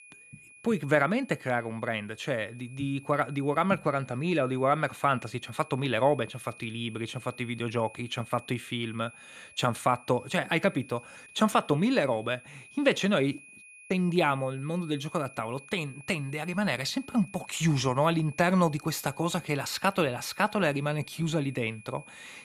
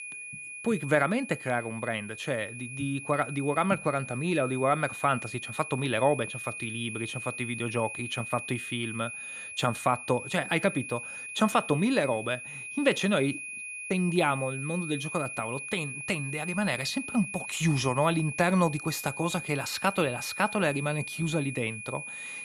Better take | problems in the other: first | high-pitched whine; loud; throughout; 2.5 kHz, 8 dB below the speech; faint in the first

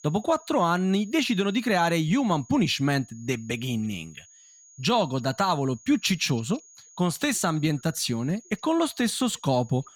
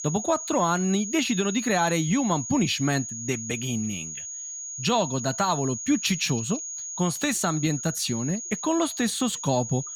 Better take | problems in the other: first | high-pitched whine; loud; throughout; 6.5 kHz, 7 dB below the speech; faint in the first

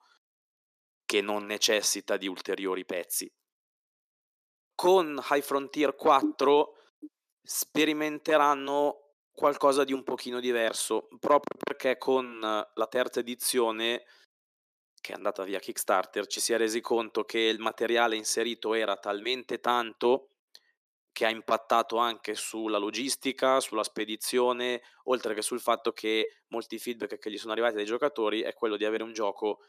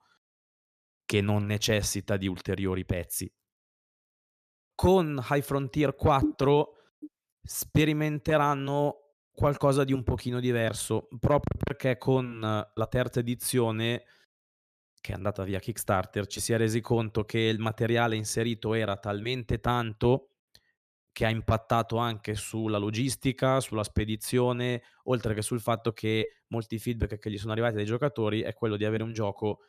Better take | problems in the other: second | thin; somewhat; fading below 300 Hz

